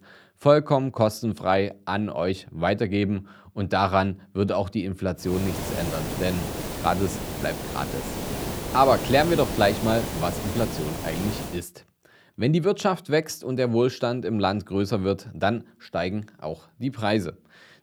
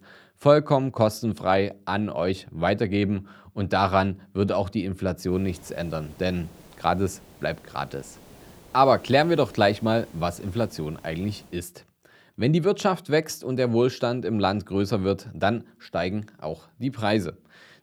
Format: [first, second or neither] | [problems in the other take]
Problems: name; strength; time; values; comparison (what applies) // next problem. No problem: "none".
second | hiss; loud; from 5.5 to 12 s; 6 dB below the speech; faint in the second